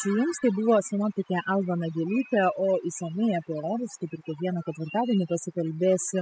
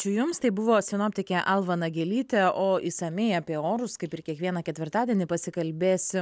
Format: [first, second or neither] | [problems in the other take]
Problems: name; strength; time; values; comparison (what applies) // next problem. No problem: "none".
second | noise reduction (classical method spectral subtraction)